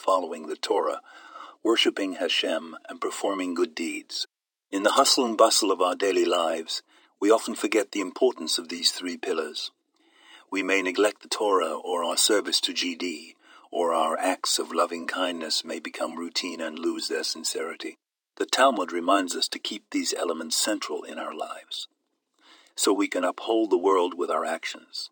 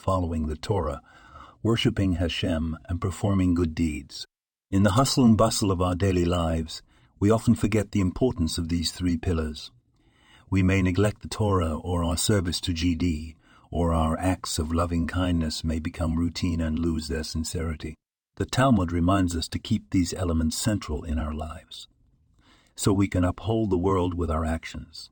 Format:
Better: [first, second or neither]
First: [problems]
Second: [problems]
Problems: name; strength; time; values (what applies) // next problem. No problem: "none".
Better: second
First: thin; somewhat; fading below 300 Hz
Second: none